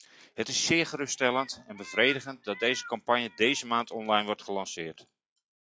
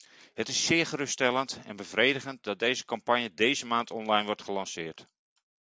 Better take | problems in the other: second | noise reduction (classical method log-MMSE)

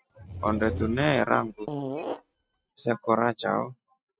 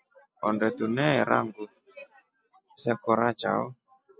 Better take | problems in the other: second | noise reduction (neural mask model RNNoise)

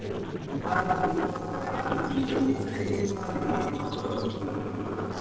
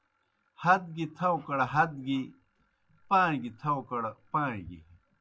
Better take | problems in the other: second | noise reduction (neural separator model SepFormer DNS4)

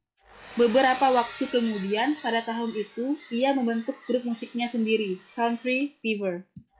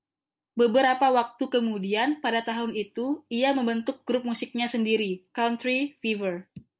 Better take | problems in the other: second | noise reduction (classical method log-MMSE)

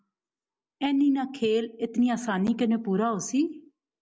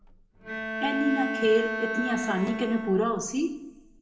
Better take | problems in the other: first | background sound (Bowed string instrument); 6 dB below the speech // room echo; dies away in 0.7 s

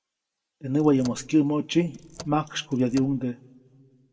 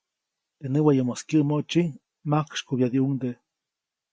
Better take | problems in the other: second | background sound (Car); 19 dB below the speech // room echo; dies away in 0.3 s

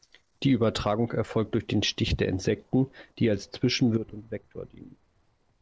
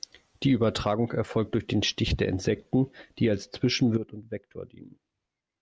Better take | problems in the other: second | noise reduction (neural separator model SepFormer DNS4)

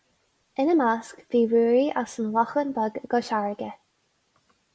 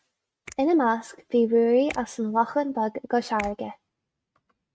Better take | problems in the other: first | noise reduction (neural mask model RNNoise)

